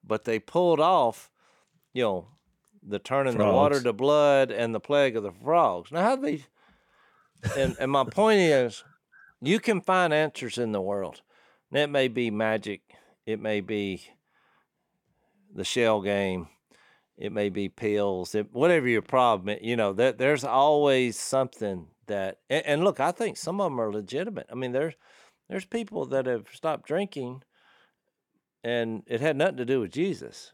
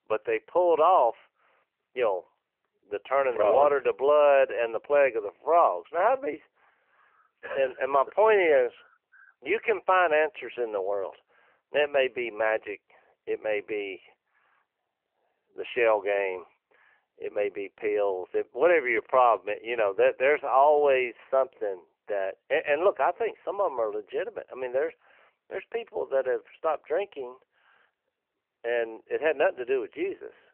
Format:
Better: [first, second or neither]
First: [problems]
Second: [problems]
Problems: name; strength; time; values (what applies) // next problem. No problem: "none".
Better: first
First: none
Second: phone-call audio; nothing above 3 kHz